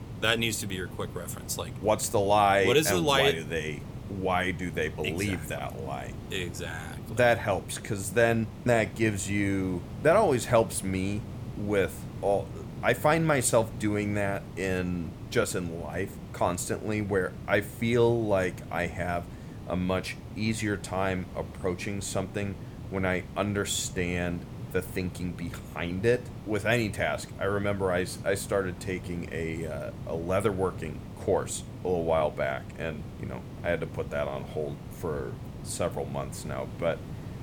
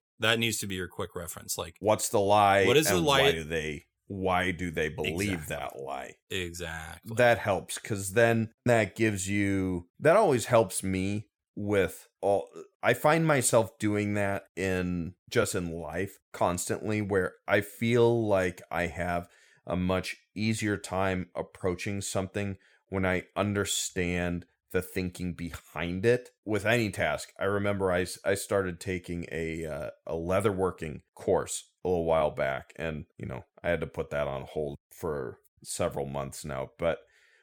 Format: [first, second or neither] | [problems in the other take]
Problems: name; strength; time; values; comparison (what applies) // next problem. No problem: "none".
second | hiss; noticeable; throughout; 10 dB below the speech